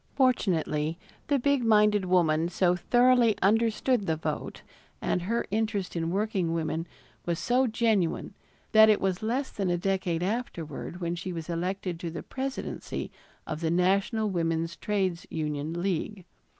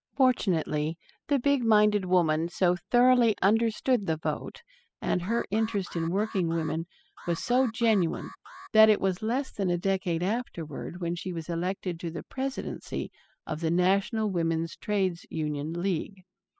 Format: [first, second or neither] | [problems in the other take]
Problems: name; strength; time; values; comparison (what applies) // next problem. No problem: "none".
first | noise reduction (classical method spectral subtraction)